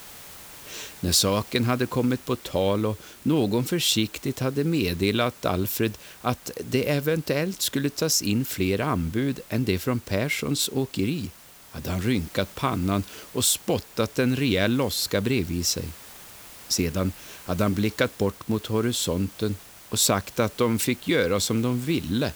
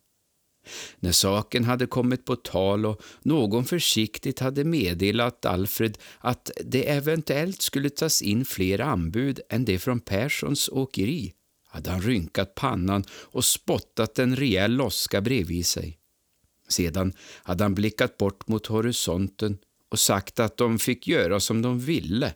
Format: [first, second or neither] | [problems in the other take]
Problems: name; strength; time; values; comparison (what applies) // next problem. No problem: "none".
second | hiss; noticeable; throughout; 20 dB below the speech